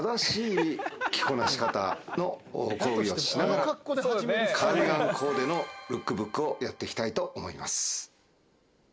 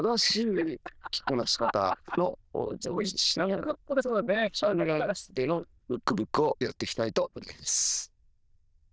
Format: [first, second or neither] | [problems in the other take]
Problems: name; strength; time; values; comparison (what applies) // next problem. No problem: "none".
first | noise reduction (neural diffusion model UNIVERSE++)